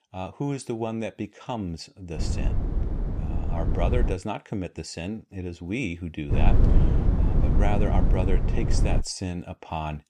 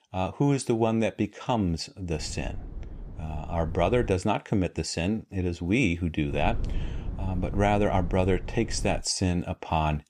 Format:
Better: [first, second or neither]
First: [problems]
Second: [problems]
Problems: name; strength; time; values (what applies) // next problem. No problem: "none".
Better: second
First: low rumble; loud; from 2 to 4 s and from 6.5 to 9 s; 3 dB below the speech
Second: low rumble; faint; from 2 to 4 s and from 6.5 to 9 s; 20 dB below the speech